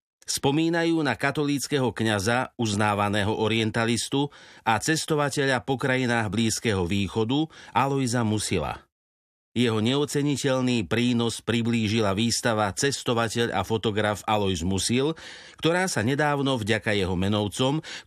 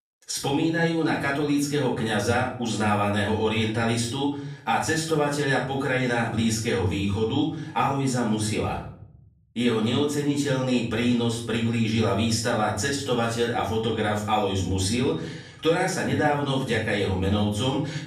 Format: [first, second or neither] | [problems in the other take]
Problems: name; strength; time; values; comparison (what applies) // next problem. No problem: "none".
first | off-mic speech; far // room echo; noticeable; dies away in 0.5 s